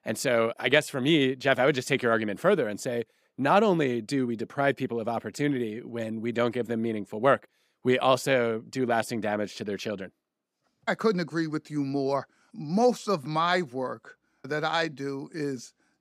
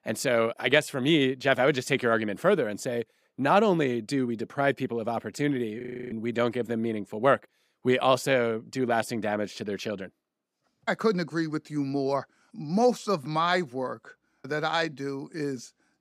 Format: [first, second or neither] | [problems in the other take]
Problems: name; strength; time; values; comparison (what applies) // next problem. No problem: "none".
first | audio freezing; at 6 s